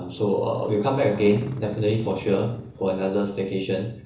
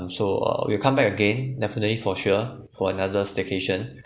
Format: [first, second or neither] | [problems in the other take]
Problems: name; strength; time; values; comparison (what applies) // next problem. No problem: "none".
second | background sound (Motorcycle); 17 dB below the speech // room echo; dies away in 0.8 s